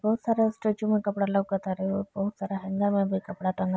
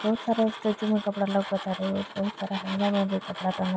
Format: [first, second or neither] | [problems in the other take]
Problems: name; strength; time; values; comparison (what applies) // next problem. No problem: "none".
first | background sound (Tools); 12 dB below the speech